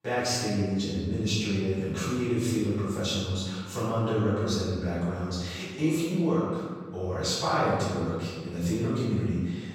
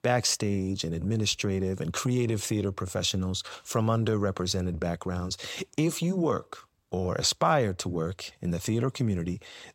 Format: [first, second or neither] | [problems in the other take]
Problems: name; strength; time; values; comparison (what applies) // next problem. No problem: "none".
second | off-mic speech; far // room echo; strong; dies away in 1.5 s